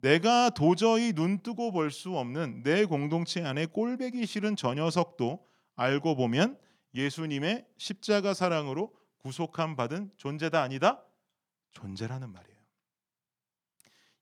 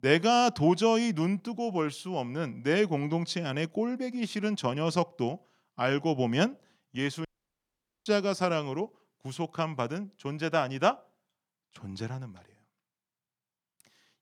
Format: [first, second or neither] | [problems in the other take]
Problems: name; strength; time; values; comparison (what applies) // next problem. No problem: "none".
first | audio cutting out; at 7.5 s for 1 s